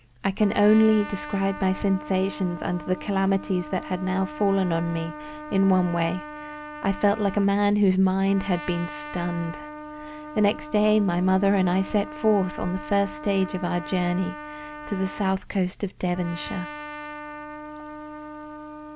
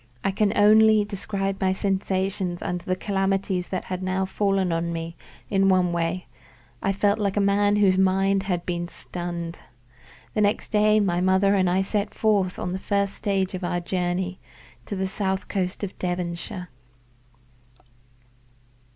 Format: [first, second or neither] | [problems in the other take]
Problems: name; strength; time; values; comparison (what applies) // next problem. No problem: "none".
second | background sound (Trumpet); 13 dB below the speech